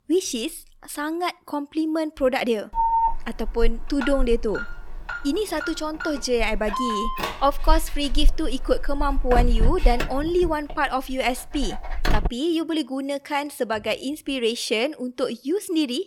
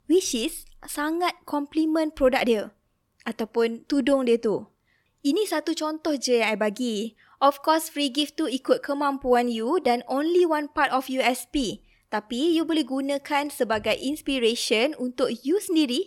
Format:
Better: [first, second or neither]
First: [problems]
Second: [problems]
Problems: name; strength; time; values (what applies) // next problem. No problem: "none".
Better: second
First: alarm; loud; from 3 to 12 s; peak 5 dB above the speech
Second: none